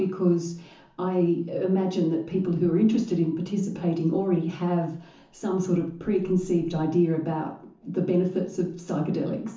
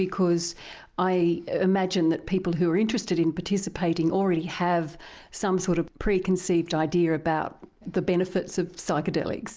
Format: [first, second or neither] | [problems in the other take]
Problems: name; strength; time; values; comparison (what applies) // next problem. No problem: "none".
second | room echo; dies away in 0.9 s